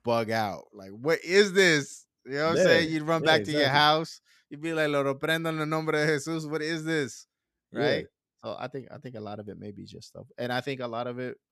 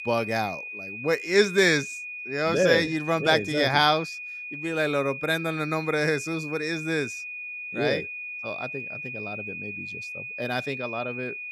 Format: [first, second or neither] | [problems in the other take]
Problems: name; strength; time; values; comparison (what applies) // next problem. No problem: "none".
first | high-pitched whine; loud; throughout; 2.5 kHz, 9 dB below the speech